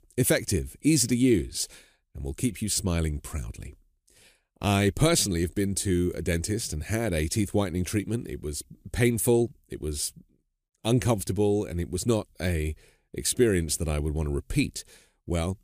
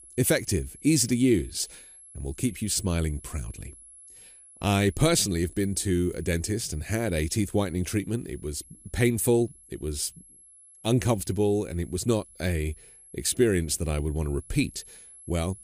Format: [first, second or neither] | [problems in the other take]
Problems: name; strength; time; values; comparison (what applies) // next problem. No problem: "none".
first | high-pitched whine; faint; throughout; 11 kHz, 20 dB below the speech